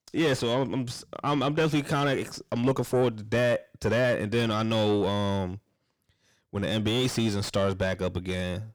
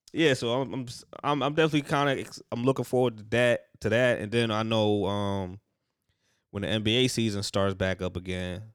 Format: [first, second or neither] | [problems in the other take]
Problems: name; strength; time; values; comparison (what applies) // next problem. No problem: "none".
second | distortion; heavy; 7 dB below the speech